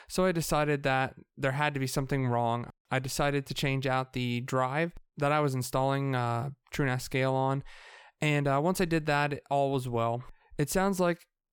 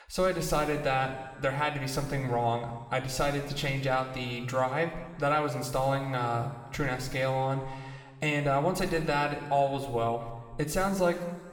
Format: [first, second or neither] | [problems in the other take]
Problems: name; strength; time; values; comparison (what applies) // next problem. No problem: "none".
first | room echo; noticeable; dies away in 1.3 s // off-mic speech; somewhat distant